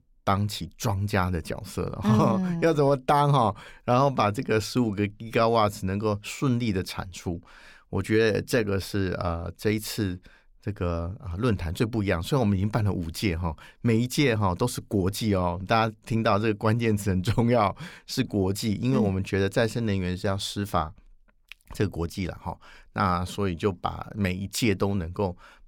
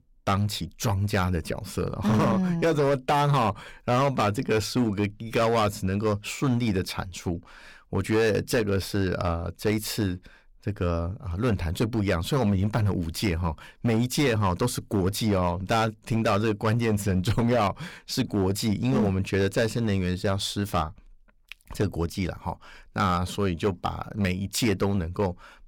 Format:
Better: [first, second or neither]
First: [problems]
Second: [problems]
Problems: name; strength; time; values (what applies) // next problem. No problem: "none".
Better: first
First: none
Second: distortion; slight; 8% of the sound clipped